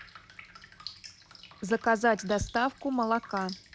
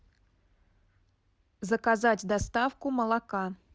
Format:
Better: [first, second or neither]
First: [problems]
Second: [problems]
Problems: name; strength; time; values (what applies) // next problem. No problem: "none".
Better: second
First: background sound (Drip); 18 dB below the speech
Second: none